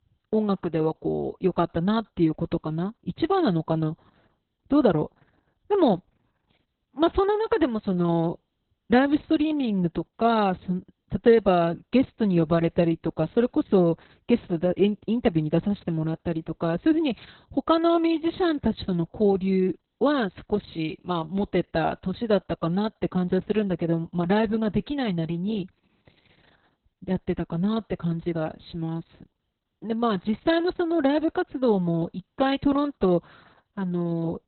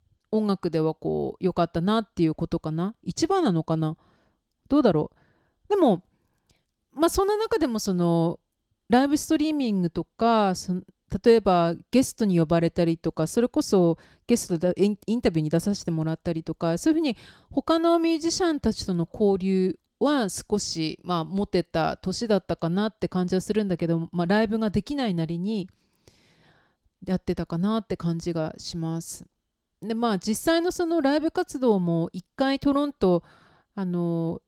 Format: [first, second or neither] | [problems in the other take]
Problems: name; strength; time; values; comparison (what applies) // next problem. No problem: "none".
second | garbled, watery; badly; nothing above 4 kHz; slightly in the second